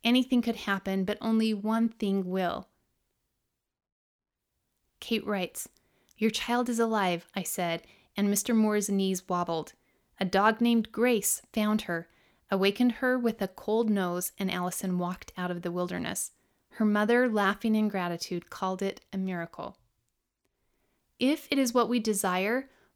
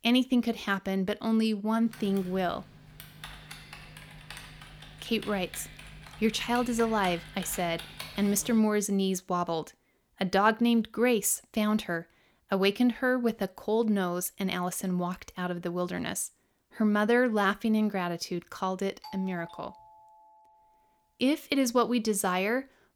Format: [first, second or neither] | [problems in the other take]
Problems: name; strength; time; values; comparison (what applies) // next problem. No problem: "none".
first | keyboard typing; faint; from 2 to 8.5 s; peak 10 dB below the speech // doorbell; faint; from 19 to 21 s; peak 15 dB below the speech